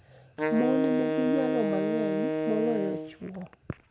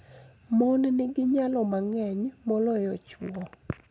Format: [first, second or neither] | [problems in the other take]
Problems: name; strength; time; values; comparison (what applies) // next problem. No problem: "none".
second | background sound (Wind instrument, woodwind instrument); 1 dB above the speech